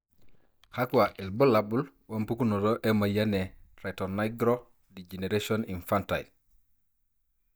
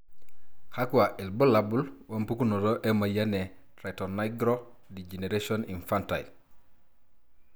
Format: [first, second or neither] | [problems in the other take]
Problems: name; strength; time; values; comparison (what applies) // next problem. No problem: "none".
second | noise reduction (neural mask model DeepFilterNet 3)